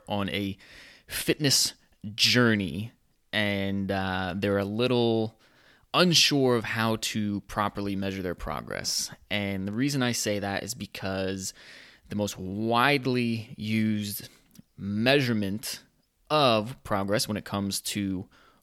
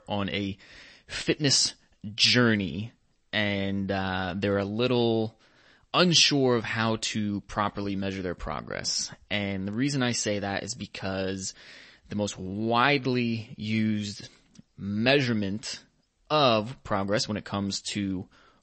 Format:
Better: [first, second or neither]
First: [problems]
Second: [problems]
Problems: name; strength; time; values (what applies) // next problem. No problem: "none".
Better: first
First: none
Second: garbled, watery; slightly; nothing above 8 kHz